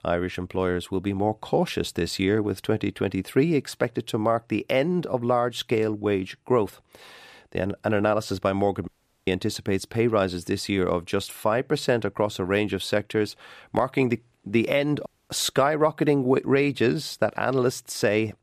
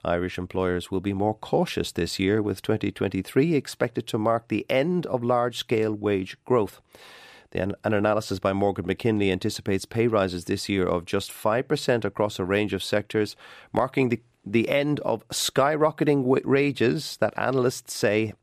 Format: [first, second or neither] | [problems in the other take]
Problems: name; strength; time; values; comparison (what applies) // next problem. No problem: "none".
second | audio cutting out; at 9 s and at 15 s